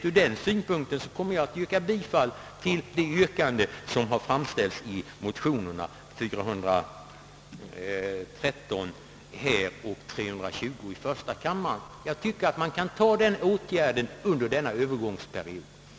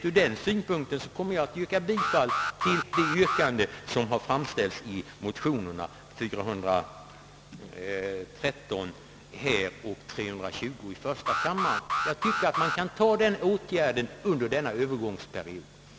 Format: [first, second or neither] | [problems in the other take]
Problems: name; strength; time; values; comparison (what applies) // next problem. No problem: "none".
first | background sound (Alarm); as loud as the speech